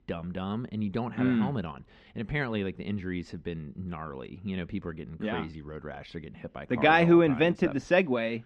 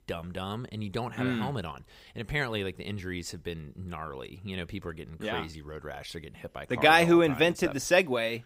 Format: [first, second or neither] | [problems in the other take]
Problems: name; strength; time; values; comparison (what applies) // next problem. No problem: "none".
second | muffled; slightly; fading above 3 kHz